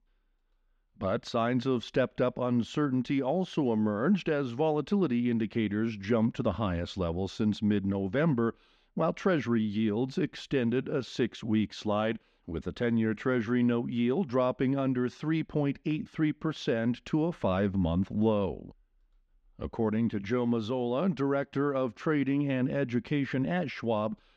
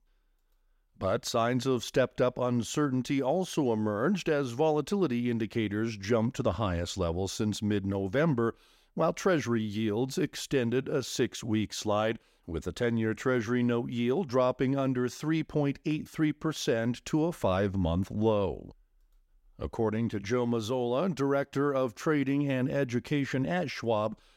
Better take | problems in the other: second | muffled; very slightly; fading above 3 kHz

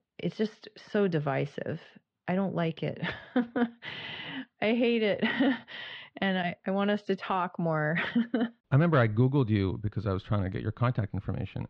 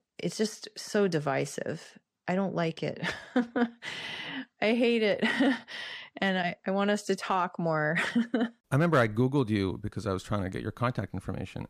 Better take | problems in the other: second | muffled; slightly; fading above 3.5 kHz

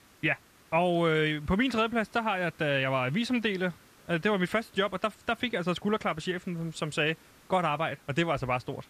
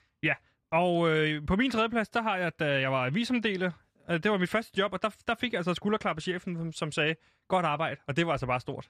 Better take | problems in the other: second | hiss; faint; throughout; 30 dB below the speech

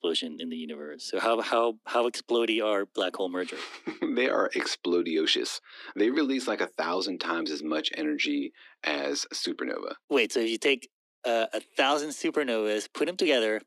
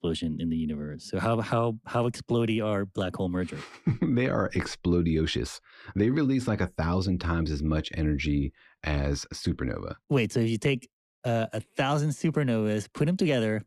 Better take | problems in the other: second | thin; somewhat; fading below 300 Hz

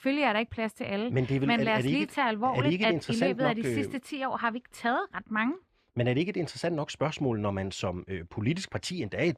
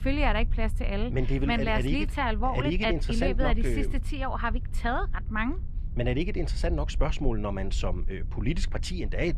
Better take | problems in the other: first | low rumble; faint; throughout; 20 dB below the speech

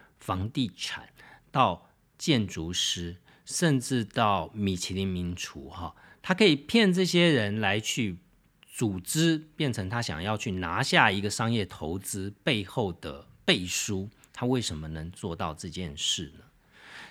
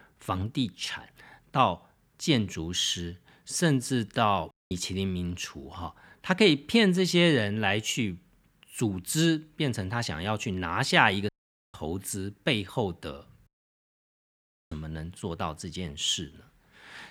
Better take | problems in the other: first | audio cutting out; at 4.5 s, at 11 s and at 13 s for 1 s

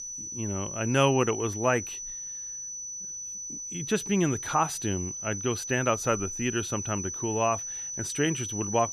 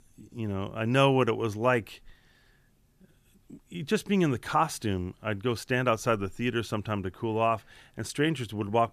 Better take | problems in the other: second | high-pitched whine; loud; throughout; 6 kHz, 5 dB below the speech

